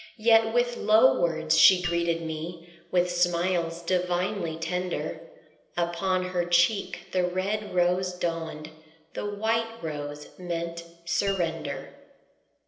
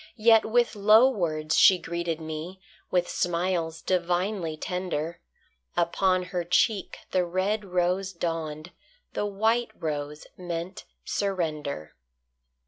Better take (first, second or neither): second